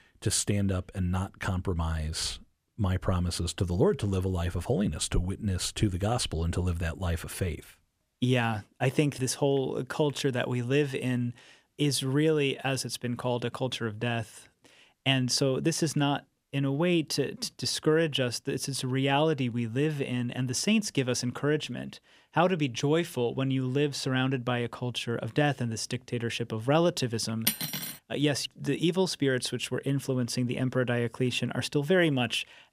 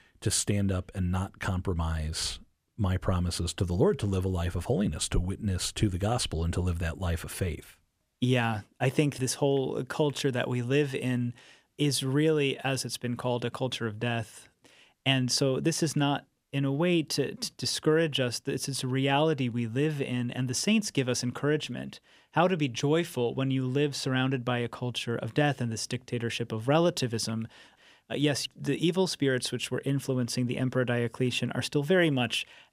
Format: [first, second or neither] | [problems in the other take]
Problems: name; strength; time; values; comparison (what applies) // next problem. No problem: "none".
second | clattering dishes; loud; at 27 s; peak level with the speech